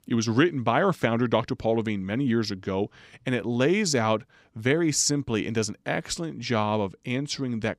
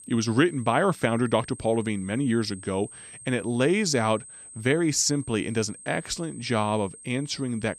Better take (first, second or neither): first